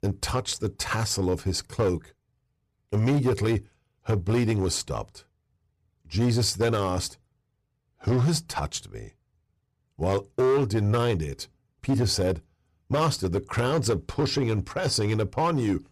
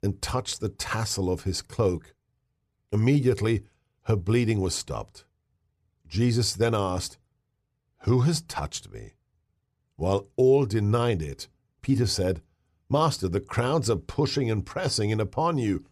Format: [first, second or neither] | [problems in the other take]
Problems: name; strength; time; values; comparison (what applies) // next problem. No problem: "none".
second | distortion; slight; 7% of the sound clipped